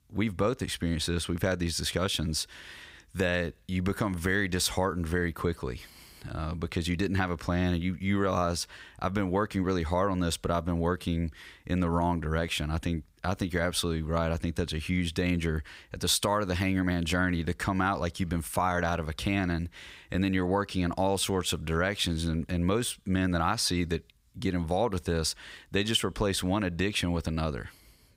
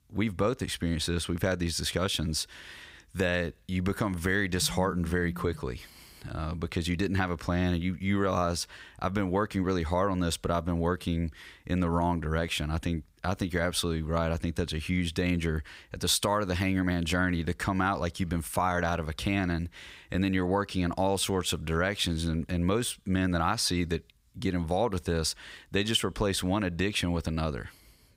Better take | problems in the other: first | phone ringing; noticeable; from 4.5 to 5.5 s; peak 9 dB below the speech

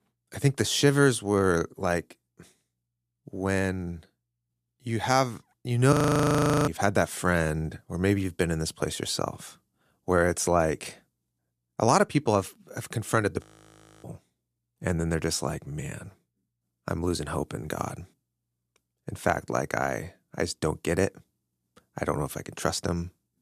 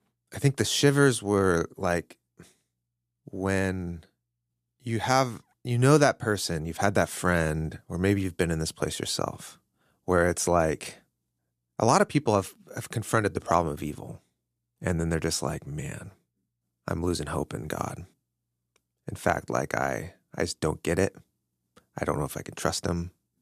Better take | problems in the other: second | audio freezing; at 6 s for 0.5 s and at 13 s for 0.5 s

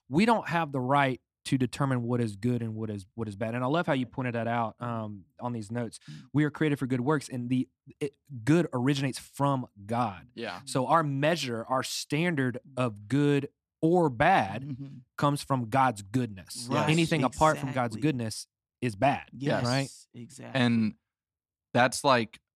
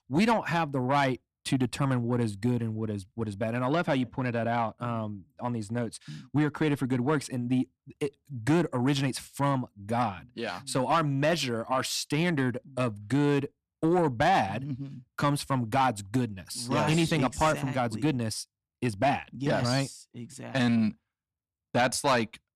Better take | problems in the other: first | distortion; slight; 10 dB below the speech

